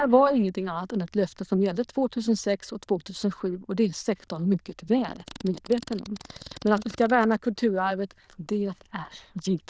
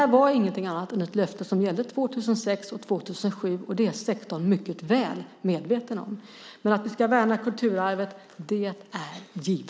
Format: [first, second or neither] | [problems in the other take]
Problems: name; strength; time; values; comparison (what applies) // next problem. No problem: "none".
second | noise reduction (neural diffusion model UNIVERSE++)